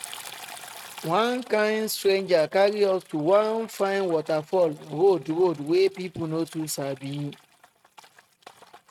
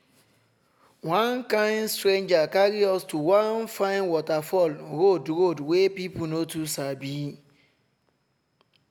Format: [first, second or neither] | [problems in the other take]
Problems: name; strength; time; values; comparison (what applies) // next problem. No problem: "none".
second | noise reduction (neural mask model RNNoise)